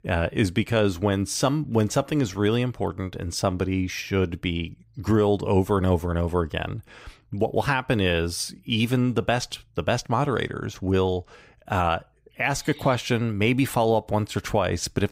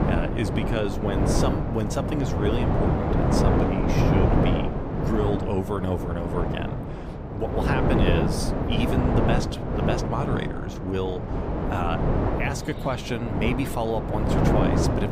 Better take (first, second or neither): first